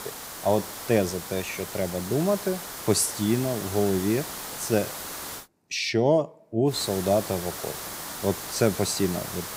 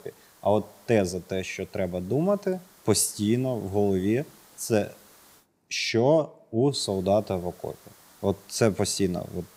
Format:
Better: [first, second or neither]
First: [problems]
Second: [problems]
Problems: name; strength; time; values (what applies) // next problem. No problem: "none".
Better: second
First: hiss; loud; until 5.5 s and from 6.5 s on; 8 dB below the speech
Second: hiss; faint; until 5.5 s and from 6.5 s on; 25 dB below the speech